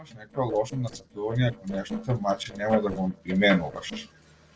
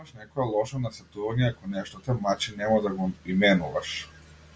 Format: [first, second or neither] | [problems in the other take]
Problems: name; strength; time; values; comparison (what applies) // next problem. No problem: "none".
second | noise reduction (neural separator model SepFormer DNS4)